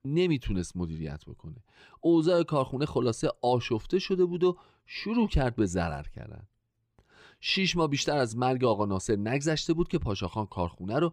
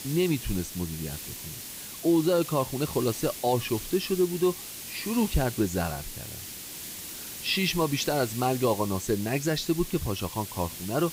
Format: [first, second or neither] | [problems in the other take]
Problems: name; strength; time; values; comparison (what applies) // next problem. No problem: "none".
first | hiss; loud; throughout; 9 dB below the speech